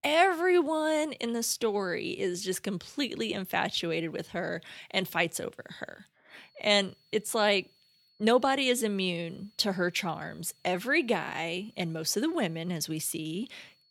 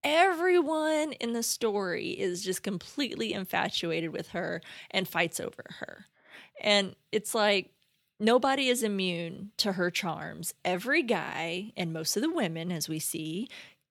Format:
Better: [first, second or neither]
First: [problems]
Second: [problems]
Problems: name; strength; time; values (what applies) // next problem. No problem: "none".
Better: second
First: high-pitched whine; faint; from 6.5 s on; 4.5 kHz, 35 dB below the speech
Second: none